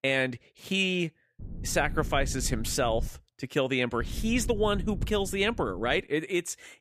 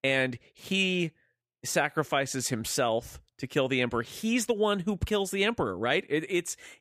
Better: second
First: wind noise on the microphone; occasional gusts; from 1.5 to 3 s and from 4 to 6 s; 20 dB below the speech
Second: none

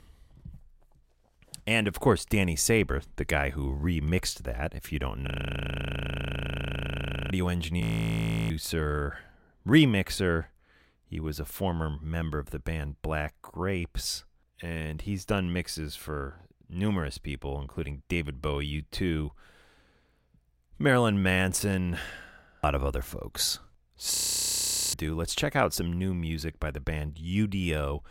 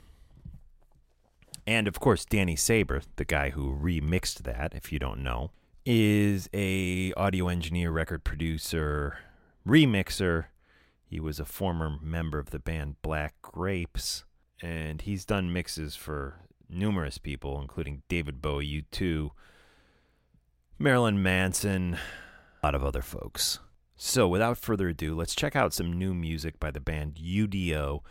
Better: second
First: audio freezing; at 5.5 s for 2 s, at 8 s for 0.5 s and at 24 s for 1 s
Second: none

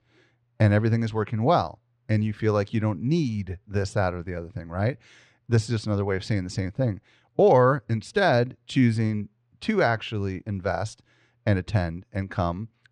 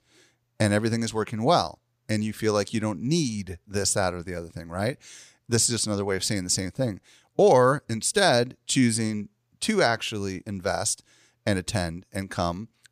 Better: second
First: muffled; slightly; fading above 2.5 kHz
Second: none

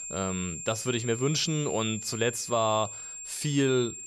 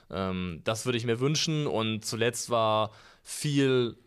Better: second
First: high-pitched whine; loud; throughout; 7.5 kHz, 8 dB below the speech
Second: none

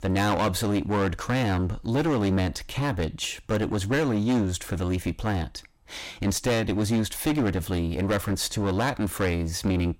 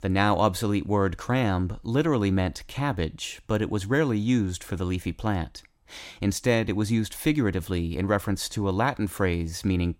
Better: second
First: distortion; heavy; 17% of the sound clipped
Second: none

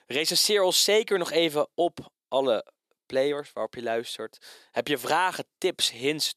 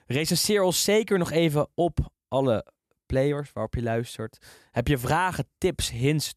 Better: second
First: thin; somewhat; fading below 400 Hz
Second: none

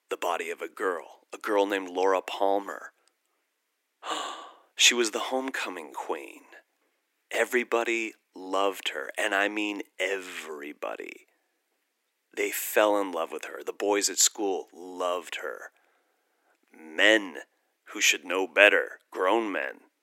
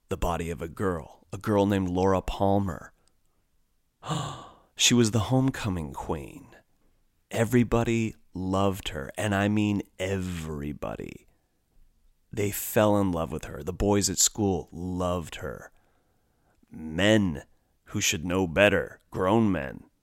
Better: second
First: thin; very; fading below 300 Hz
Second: none

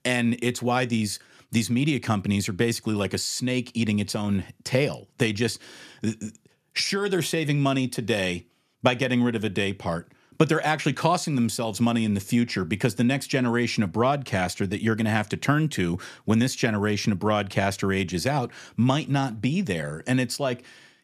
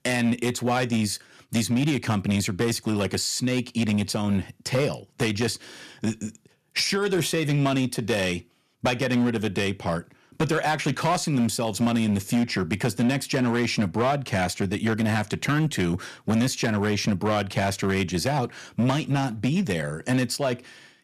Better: first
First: none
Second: distortion; slight; 8% of the sound clipped

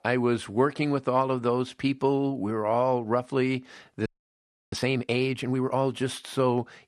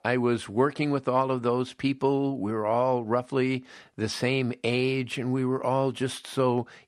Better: second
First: audio freezing; at 4 s for 0.5 s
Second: none

